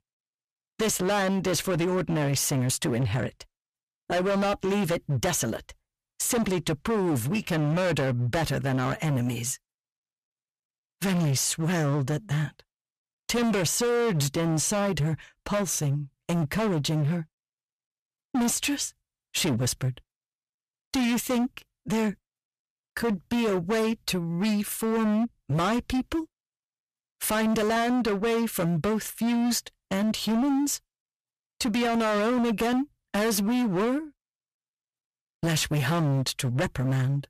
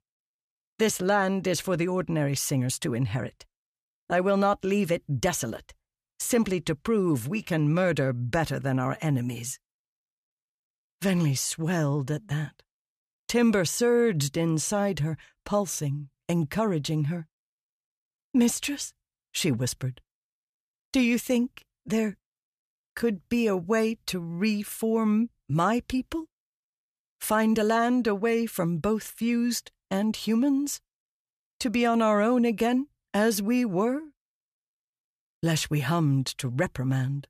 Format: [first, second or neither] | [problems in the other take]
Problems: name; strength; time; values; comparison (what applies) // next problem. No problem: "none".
second | distortion; heavy; 21% of the sound clipped